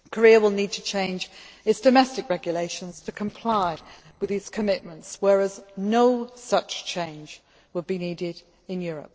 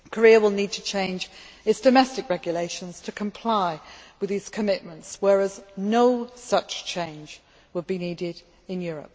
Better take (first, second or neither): second